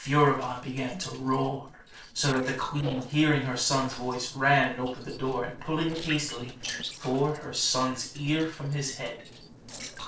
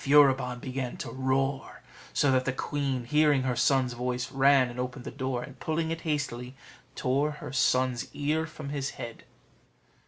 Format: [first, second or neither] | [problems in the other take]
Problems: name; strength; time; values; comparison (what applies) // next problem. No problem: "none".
second | noise reduction (neural separator model SepFormer DNS4)